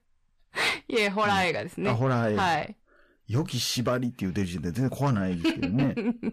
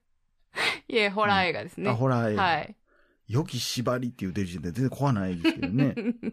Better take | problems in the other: second | distortion; slight; 10 dB below the speech

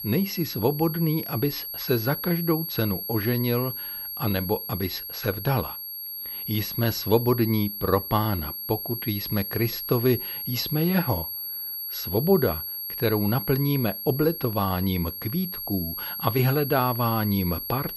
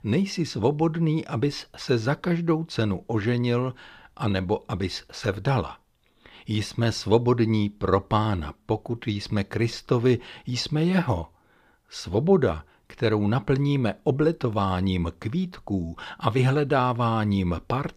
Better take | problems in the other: second | high-pitched whine; loud; throughout; 11.5 kHz, 5 dB below the speech

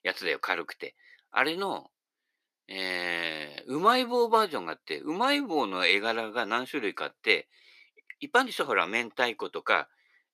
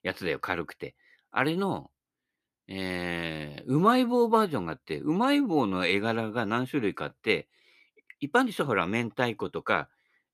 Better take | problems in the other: second | thin; somewhat; fading below 400 Hz

